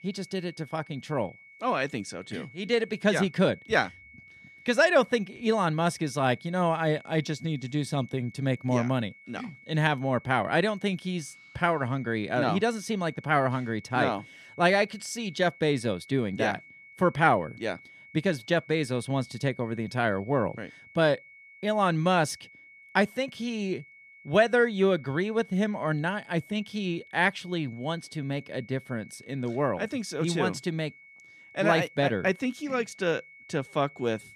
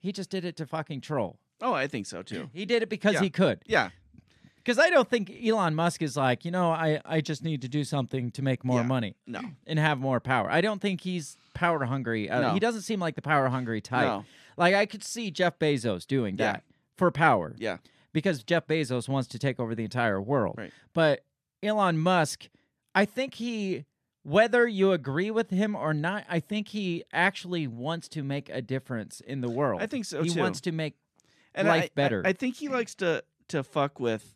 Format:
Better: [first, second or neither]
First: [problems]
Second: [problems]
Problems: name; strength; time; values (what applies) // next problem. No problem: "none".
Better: second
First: high-pitched whine; faint; throughout; 2 kHz, 20 dB below the speech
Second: none